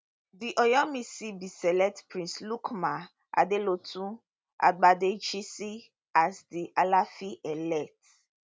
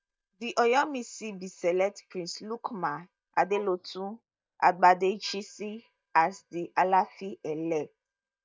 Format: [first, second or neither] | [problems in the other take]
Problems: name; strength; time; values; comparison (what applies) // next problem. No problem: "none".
first | noise reduction (neural mask model DeepFilterNet 3)